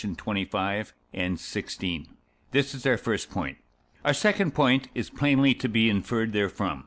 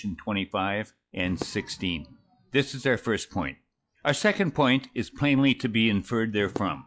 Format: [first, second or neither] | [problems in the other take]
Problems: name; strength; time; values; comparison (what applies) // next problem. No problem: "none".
first | noise reduction (classical method log-MMSE)